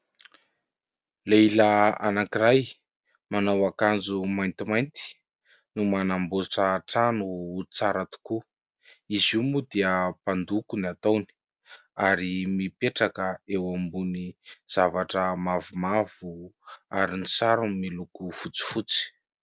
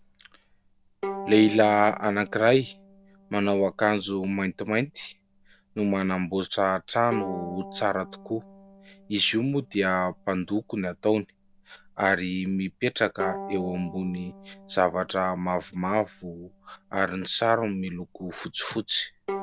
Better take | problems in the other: first | background sound (Bowed string instrument); 15 dB below the speech

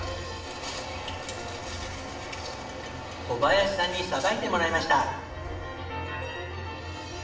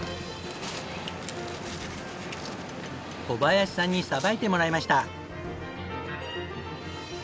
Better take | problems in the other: second | room echo; dies away in 0.8 s

